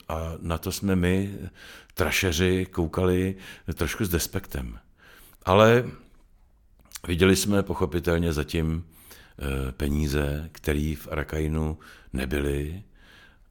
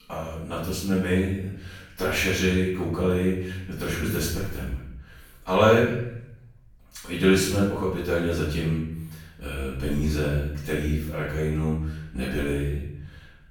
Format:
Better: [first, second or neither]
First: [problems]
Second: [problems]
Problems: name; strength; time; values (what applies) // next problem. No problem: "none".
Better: first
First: none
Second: off-mic speech; far // room echo; noticeable; dies away in 0.7 s